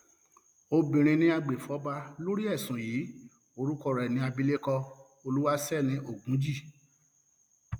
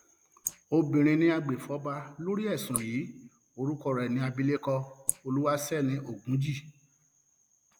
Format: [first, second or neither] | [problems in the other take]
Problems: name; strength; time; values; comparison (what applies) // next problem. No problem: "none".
first | noise reduction (neural mask model Resemble Enhance denoiser)